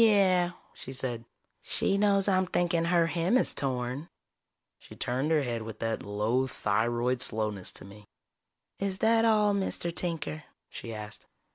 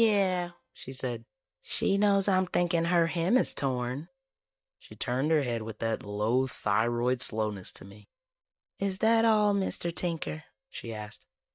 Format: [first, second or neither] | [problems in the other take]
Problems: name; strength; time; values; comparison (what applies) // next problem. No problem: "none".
first | noise reduction (neural mask model DeepFilterNet 3)